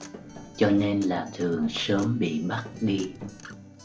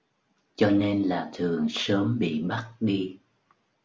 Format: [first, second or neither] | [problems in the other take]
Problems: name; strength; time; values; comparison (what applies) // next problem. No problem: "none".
second | background sound (Tap + Acoustic guitar); 15 dB below the speech